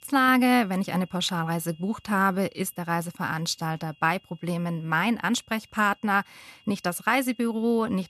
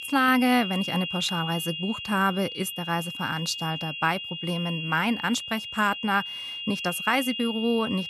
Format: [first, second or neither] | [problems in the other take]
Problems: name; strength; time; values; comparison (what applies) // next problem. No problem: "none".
first | high-pitched whine; loud; throughout; 3 kHz, 6 dB below the speech; faint in the first